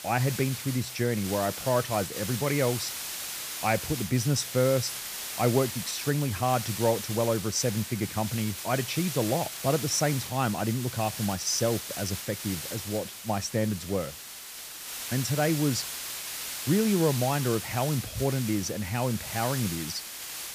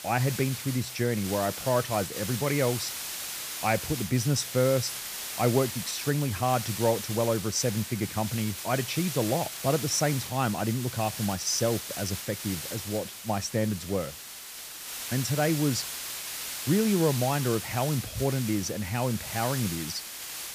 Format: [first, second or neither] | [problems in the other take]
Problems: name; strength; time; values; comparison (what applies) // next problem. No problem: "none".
neither | hiss; loud; throughout; 6 dB below the speech; the same in both